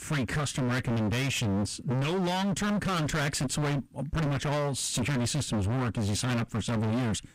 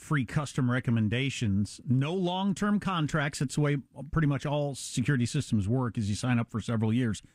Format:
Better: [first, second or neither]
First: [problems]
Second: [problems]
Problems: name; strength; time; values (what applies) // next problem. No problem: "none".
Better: second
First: distortion; heavy; 43% of the sound clipped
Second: none